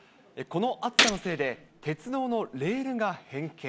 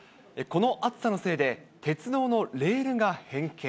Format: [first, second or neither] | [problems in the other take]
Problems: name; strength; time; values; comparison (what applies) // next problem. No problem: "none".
second | background sound (Gunshot, gunfire); as loud as the speech